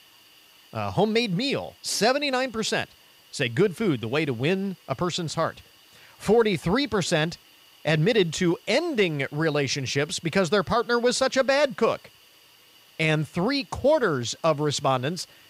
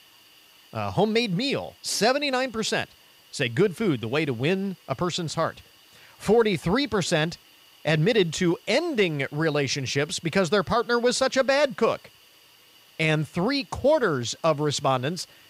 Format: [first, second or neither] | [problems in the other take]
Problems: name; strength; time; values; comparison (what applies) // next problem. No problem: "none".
neither | hiss; faint; throughout; 30 dB below the speech; the same in both